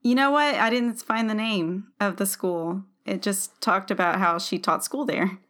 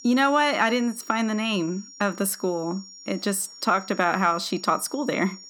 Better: first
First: none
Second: high-pitched whine; noticeable; throughout; 5.5 kHz, 20 dB below the speech

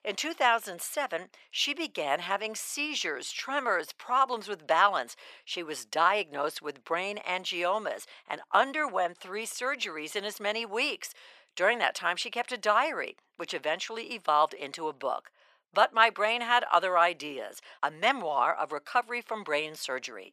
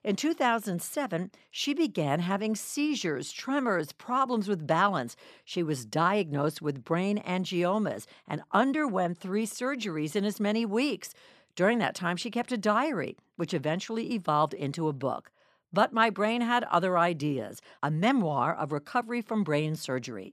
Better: second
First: thin; very; fading below 650 Hz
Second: none

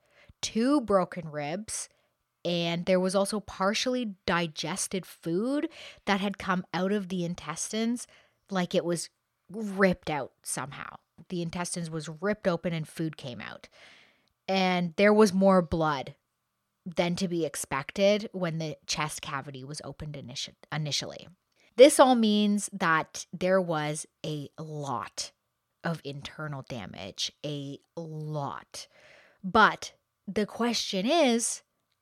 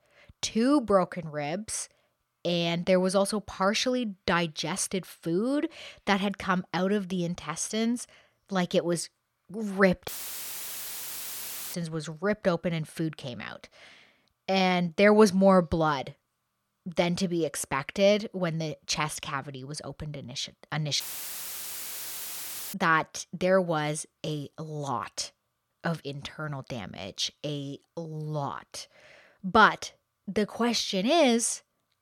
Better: first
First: none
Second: audio cutting out; filled with static; at 10 s for 1.5 s and at 21 s for 1.5 s

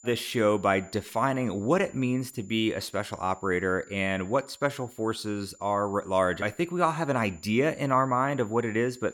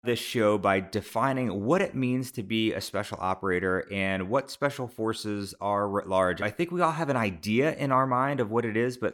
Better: second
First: high-pitched whine; faint; throughout; 7 kHz, 25 dB below the speech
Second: none

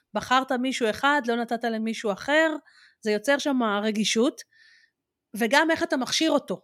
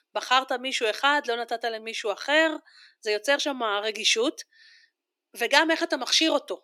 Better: first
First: none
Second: thin; somewhat; fading below 300 Hz

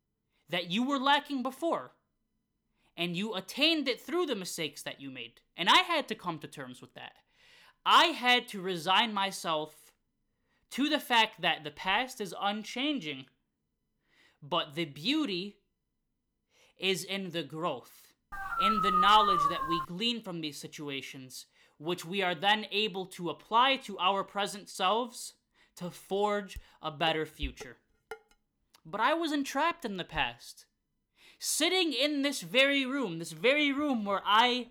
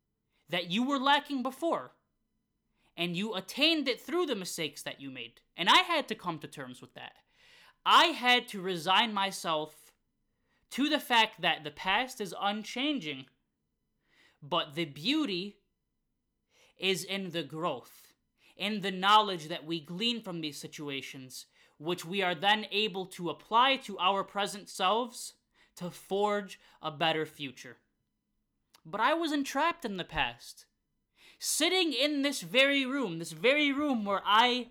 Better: second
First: dog barking; loud; from 18 to 20 s; peak 3 dB above the speech // clattering dishes; faint; from 27 to 28 s; peak 15 dB below the speech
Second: none

